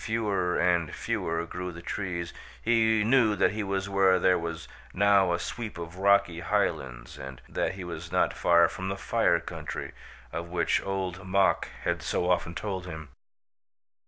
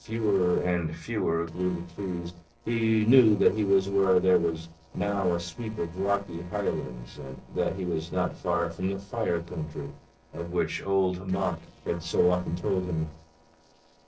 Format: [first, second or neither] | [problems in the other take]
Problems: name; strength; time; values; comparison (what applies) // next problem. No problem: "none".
first | noise reduction (neural separator model SepFormer DNS4)